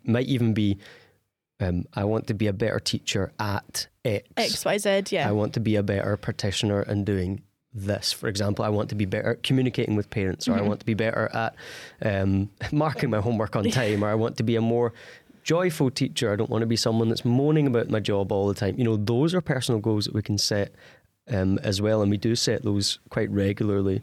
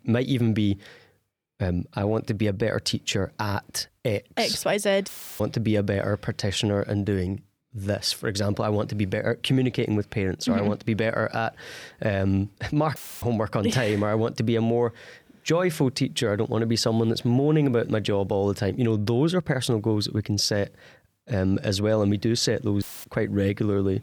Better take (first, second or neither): first